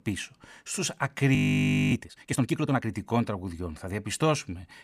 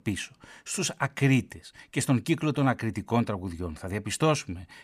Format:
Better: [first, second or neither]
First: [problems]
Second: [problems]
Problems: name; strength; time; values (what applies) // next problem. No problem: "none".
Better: second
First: audio freezing; at 1.5 s for 0.5 s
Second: none